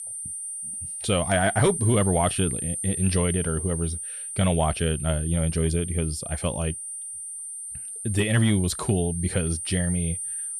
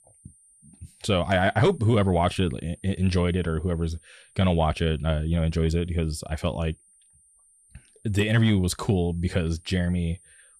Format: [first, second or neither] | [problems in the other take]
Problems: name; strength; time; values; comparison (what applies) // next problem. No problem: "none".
second | high-pitched whine; loud; throughout; 9 kHz, 5 dB below the speech; faint in the second